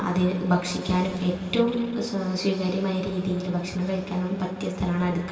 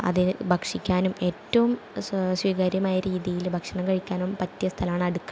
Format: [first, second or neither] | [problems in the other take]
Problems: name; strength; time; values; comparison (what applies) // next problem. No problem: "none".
second | room echo; dies away in 2.5 s